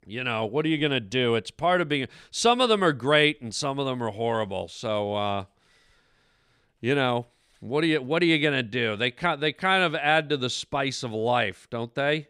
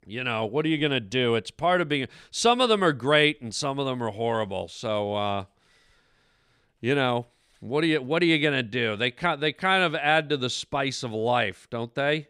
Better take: neither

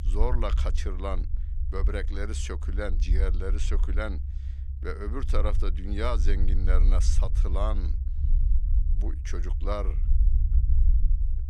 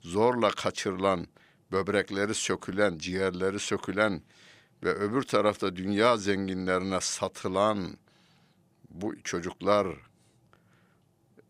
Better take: second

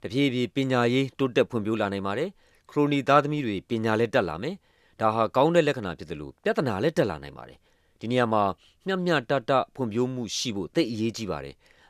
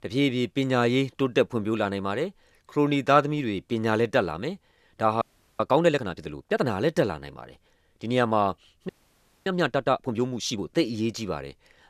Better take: first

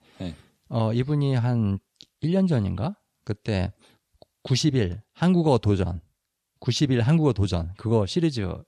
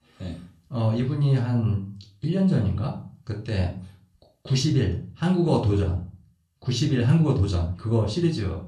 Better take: first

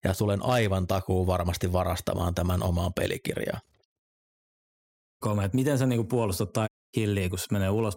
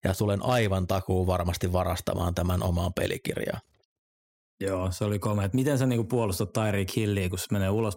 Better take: second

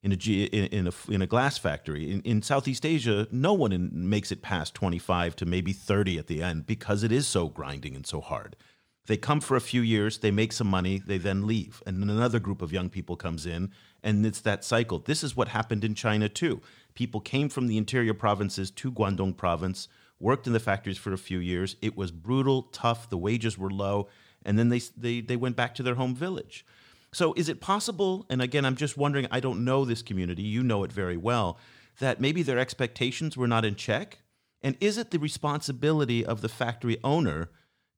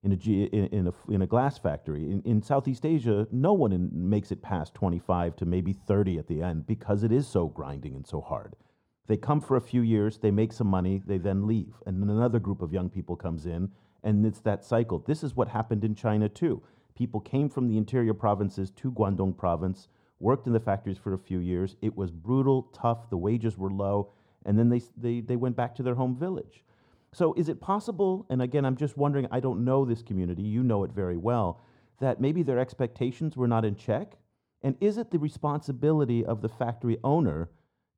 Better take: first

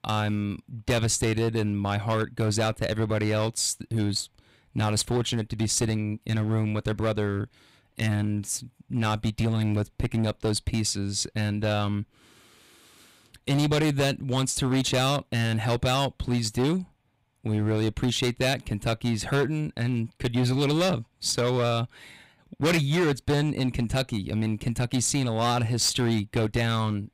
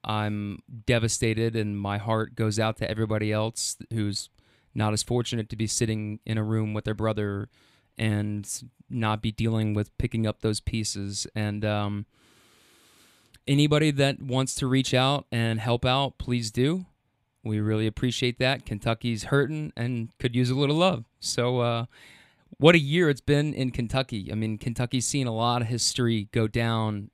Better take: second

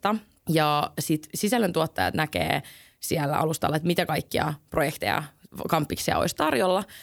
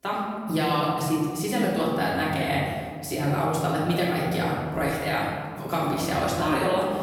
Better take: first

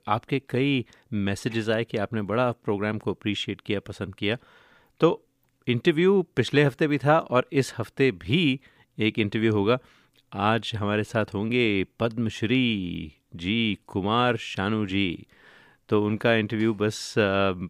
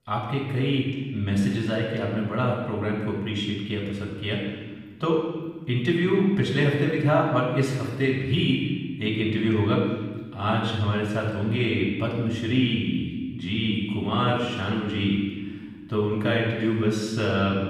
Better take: first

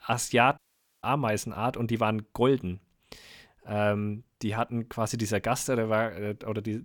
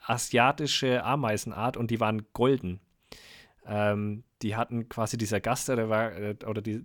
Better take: second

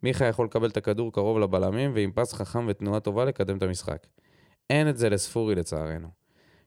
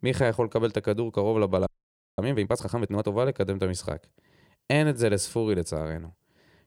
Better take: first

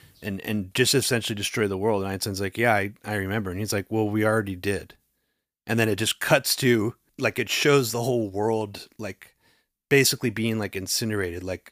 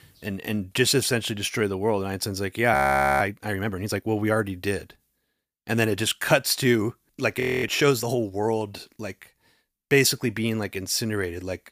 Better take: first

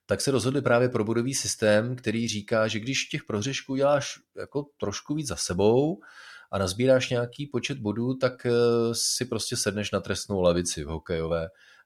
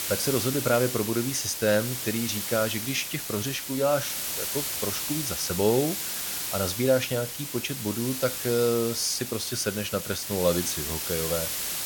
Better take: first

